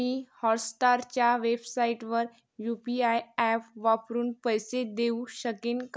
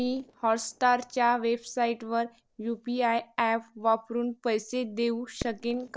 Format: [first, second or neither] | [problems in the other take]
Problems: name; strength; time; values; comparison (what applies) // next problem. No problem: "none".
first | noise reduction (neural separator model SepFormer DNS4)